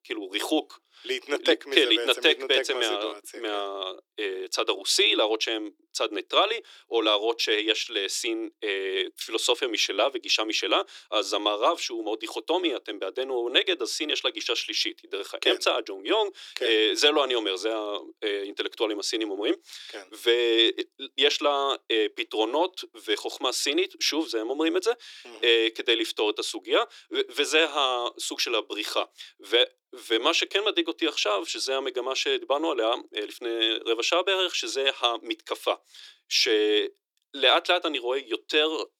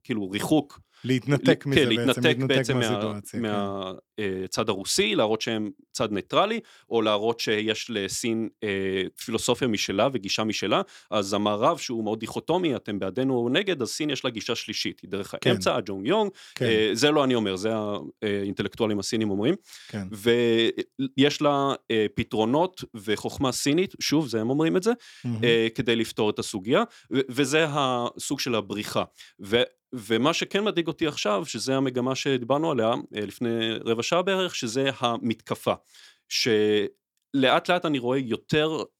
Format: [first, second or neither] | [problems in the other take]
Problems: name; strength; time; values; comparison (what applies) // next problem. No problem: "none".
second | thin; very; fading below 300 Hz